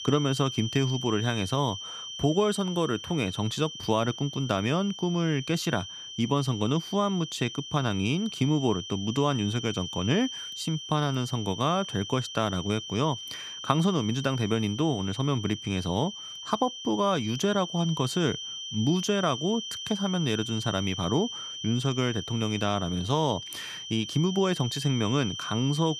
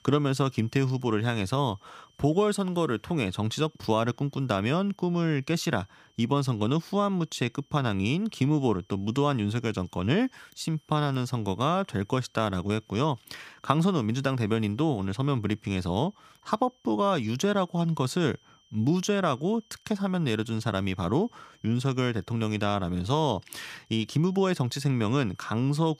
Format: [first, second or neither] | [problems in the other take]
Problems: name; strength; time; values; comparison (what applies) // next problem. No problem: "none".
second | high-pitched whine; loud; throughout; 3 kHz, 8 dB below the speech; faint in the second